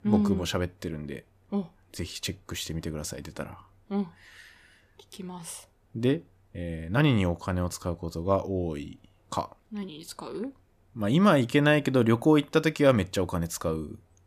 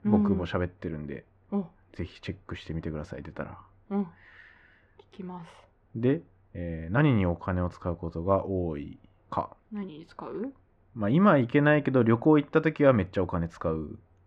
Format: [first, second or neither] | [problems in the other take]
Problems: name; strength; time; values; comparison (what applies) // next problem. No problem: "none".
first | muffled; very; fading above 1.5 kHz